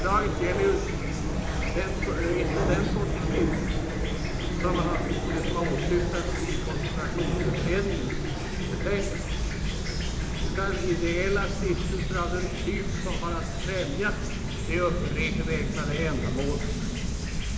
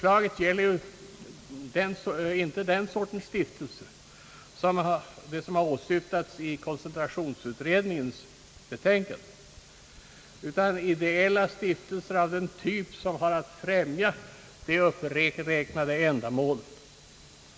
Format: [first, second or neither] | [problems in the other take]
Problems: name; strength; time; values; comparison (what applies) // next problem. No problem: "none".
second | background sound (Chirp, tweet / Fowl); 4 dB above the speech // room echo; dies away in 0.8 s